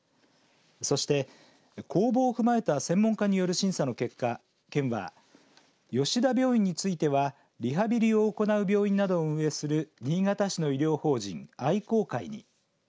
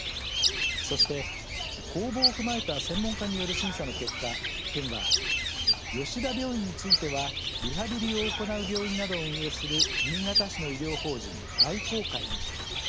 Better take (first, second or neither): first